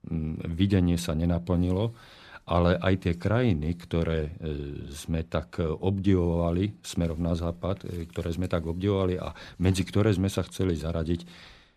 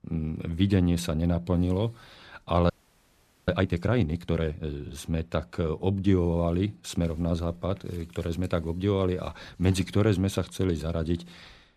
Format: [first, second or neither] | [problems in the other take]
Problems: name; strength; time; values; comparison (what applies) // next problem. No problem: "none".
first | audio freezing; at 2.5 s for 1 s